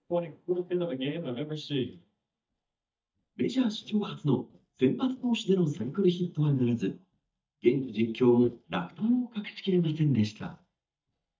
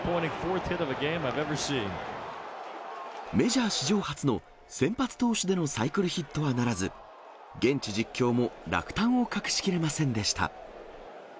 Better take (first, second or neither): second